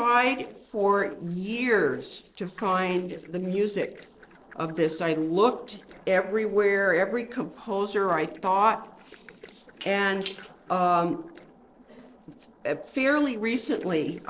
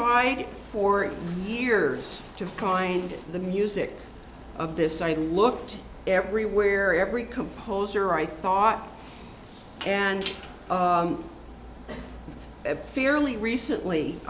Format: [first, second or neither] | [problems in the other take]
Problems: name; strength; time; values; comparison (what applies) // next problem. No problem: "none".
second | noise reduction (neural separator model SepFormer DNS4)